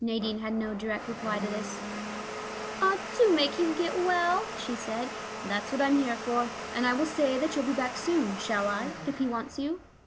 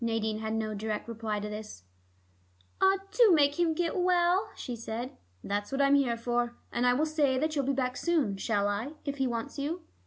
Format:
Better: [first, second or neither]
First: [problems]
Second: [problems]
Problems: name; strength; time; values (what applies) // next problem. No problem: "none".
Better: second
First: background sound (Domestic sounds, home sounds); 8 dB below the speech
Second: none